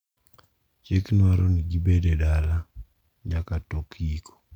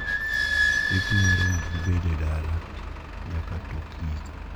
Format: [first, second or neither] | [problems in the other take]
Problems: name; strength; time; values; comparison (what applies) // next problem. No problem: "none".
first | background sound (Squeak / Idling); as loud as the speech